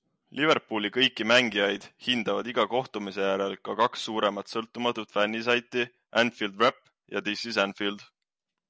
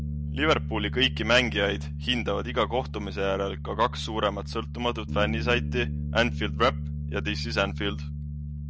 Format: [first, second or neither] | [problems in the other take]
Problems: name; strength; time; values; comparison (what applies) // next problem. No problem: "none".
first | background sound (Bass guitar); 4 dB below the speech